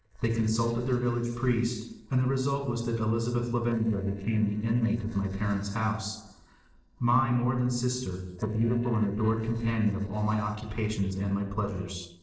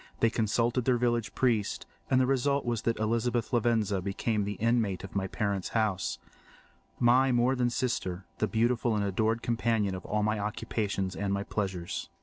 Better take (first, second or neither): second